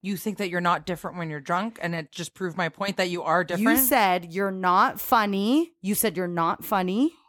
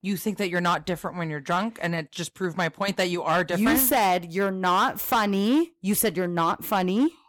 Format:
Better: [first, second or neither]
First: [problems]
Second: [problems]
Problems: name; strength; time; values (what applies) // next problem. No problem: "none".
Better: first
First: none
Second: distortion; slight; 7% of the sound clipped